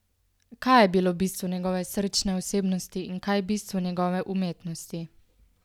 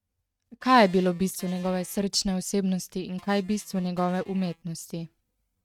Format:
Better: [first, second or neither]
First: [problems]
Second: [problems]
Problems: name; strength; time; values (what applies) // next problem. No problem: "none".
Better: first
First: none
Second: noise reduction (neural mask model RNNoise)